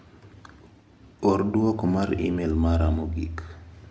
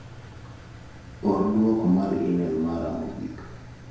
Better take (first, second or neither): first